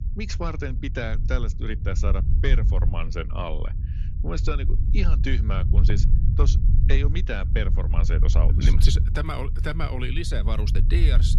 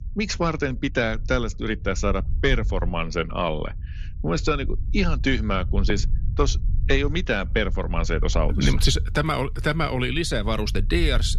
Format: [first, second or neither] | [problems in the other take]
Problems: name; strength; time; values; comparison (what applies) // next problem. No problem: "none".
second | low rumble; loud; throughout; 9 dB below the speech; faint in the second